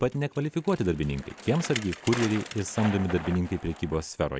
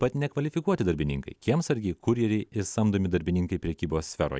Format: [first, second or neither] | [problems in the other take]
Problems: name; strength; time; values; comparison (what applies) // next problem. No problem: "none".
second | background sound (Bicycle); 12 dB below the speech